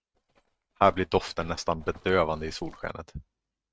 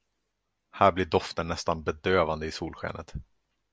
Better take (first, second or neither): second